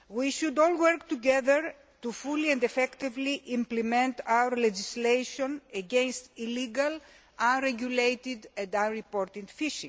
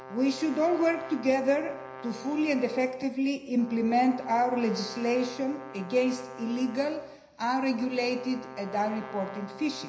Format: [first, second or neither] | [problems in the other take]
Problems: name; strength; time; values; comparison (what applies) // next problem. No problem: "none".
first | background sound (Brass instrument); 15 dB below the speech // room echo; dies away in 0.9 s